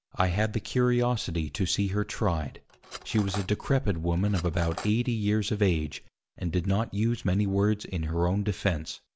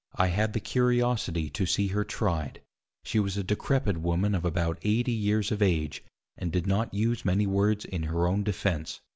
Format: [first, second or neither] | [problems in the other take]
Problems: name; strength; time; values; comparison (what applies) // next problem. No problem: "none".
second | background sound (Cutlery, silverware); 15 dB below the speech